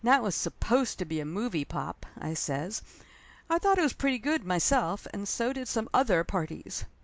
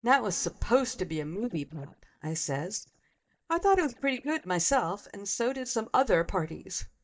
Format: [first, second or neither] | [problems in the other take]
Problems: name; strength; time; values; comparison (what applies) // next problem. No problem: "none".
first | noise reduction (neural mask model DeepFilterNet 3)